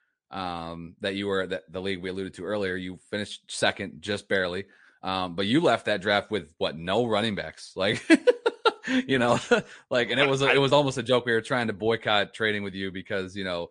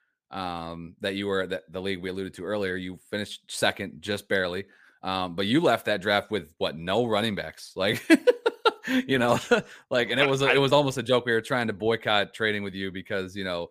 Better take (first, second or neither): second